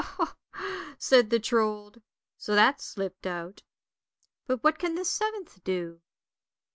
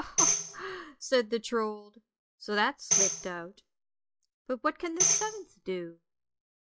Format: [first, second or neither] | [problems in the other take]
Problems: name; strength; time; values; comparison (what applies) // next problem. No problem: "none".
first | noise reduction (classical method log-MMSE)